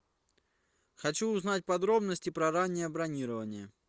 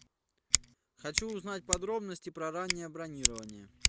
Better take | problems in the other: first | background sound (Scissors); 4 dB above the speech

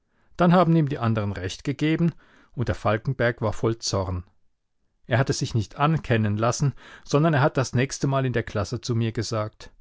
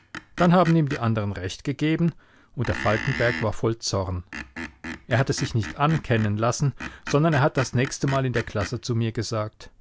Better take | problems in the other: first | background sound (Screech); 13 dB below the speech

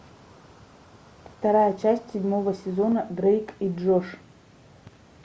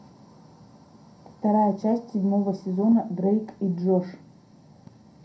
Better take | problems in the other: first | room echo; dies away in 0.2 s

